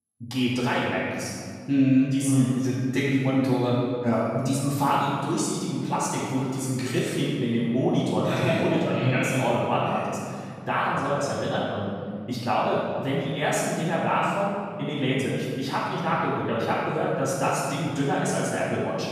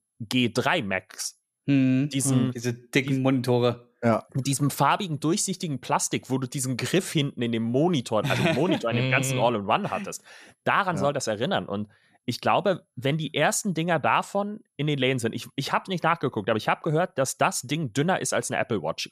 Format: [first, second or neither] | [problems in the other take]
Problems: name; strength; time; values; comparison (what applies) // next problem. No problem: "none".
second | room echo; strong; dies away in 2.1 s // off-mic speech; far